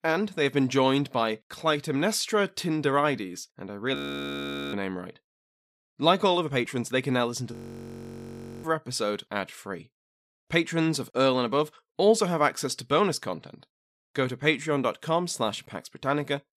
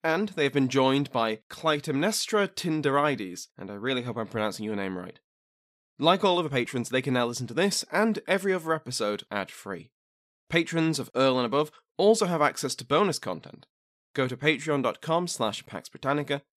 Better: second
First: audio freezing; at 4 s for 1 s and at 7.5 s for 1 s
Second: none

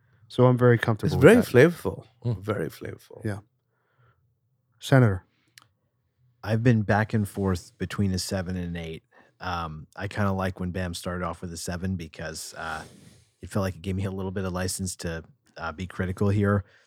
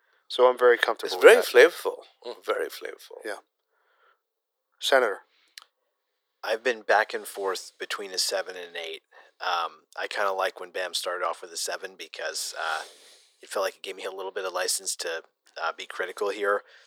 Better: first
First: none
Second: thin; very; fading below 450 Hz

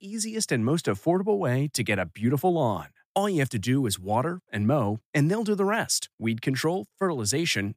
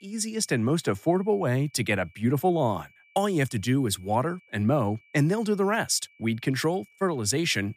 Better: first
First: none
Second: high-pitched whine; faint; throughout; 2.5 kHz, 30 dB below the speech

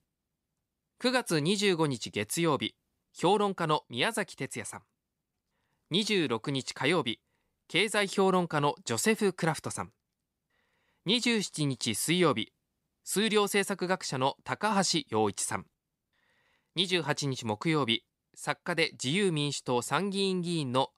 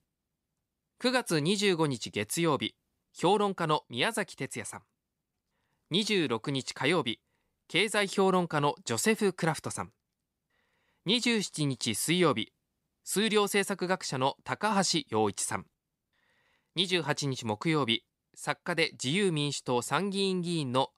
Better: neither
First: none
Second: none

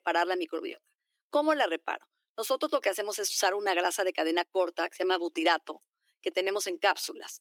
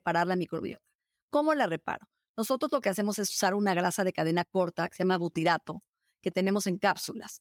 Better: second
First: thin; very; fading below 300 Hz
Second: none

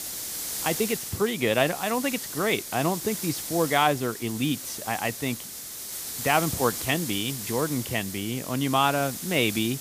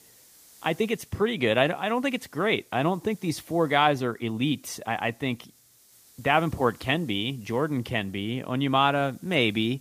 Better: second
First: hiss; loud; throughout; 6 dB below the speech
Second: hiss; faint; throughout; 25 dB below the speech

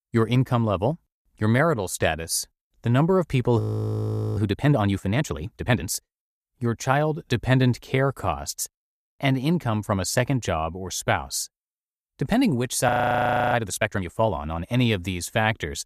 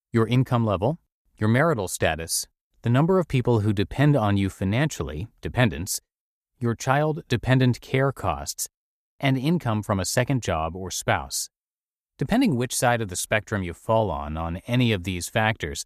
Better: second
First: audio freezing; at 3.5 s for 1 s and at 13 s for 0.5 s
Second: none

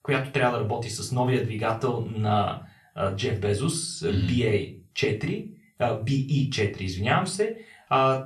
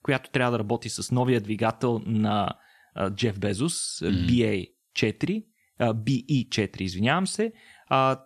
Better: second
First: off-mic speech; somewhat distant // room echo; very slight; dies away in 0.3 s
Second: none

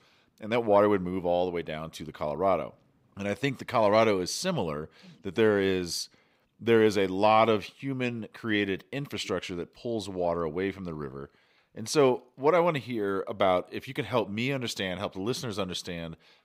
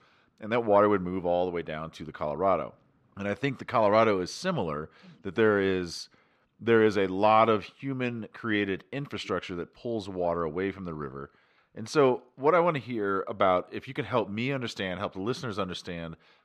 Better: first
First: none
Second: muffled; very slightly; fading above 1.5 kHz

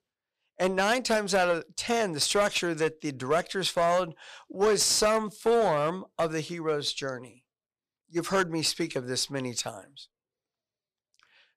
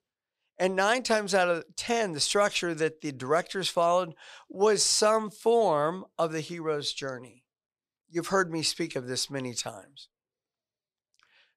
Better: second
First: distortion; slight; 4% of the sound clipped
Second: none

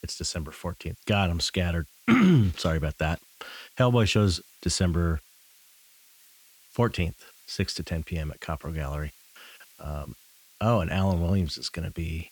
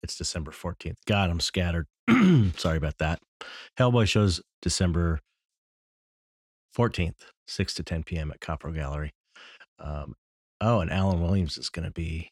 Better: second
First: hiss; faint; throughout; 25 dB below the speech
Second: none

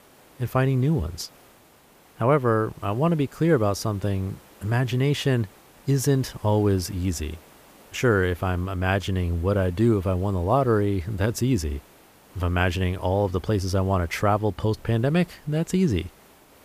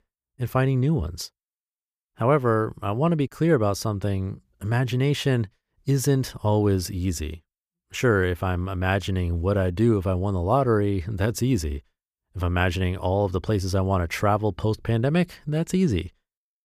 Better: second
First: hiss; faint; throughout; 25 dB below the speech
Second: none

